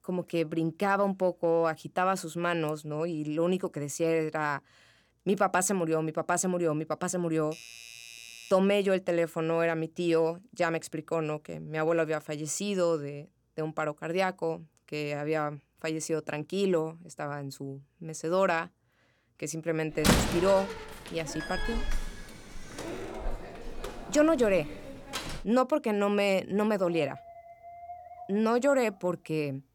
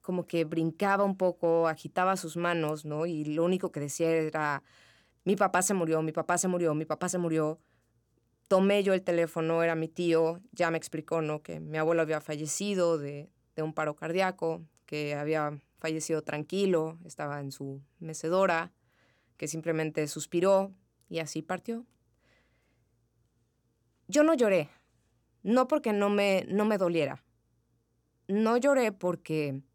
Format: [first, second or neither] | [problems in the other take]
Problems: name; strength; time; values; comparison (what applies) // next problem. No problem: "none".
second | doorbell; faint; from 7.5 to 8.5 s; peak 15 dB below the speech // door banging; loud; from 20 to 25 s; peak 5 dB above the speech // dog barking; faint; from 27 to 29 s; peak 15 dB below the speech